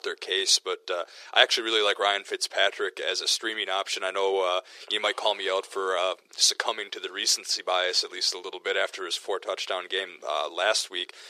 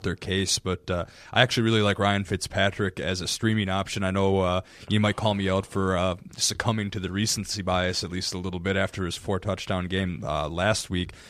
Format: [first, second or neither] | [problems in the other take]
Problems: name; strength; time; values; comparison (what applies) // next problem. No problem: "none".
second | thin; very; fading below 400 Hz